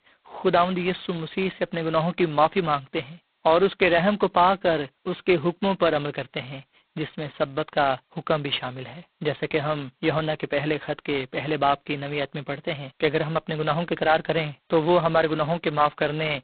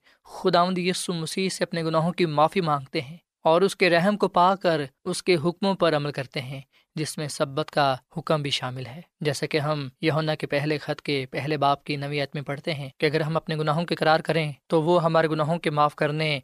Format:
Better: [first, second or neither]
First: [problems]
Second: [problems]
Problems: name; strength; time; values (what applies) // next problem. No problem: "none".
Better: second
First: phone-call audio; poor line; nothing above 4 kHz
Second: none